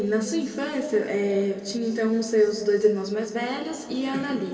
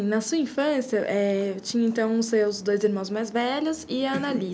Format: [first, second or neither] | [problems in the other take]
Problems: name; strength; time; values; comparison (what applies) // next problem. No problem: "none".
second | room echo; dies away in 2.3 s